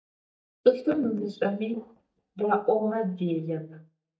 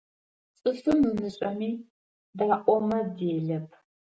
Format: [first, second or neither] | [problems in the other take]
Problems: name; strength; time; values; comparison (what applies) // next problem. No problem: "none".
second | noise reduction (neural mask model DeepFilterNet 3)